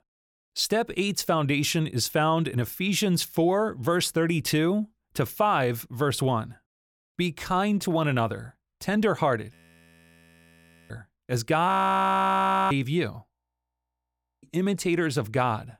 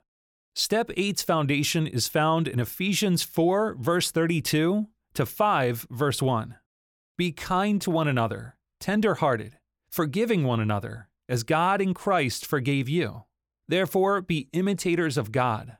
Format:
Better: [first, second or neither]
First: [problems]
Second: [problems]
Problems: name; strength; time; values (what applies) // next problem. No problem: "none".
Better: second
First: audio freezing; at 9.5 s for 1.5 s, at 12 s for 1 s and at 13 s for 1 s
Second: none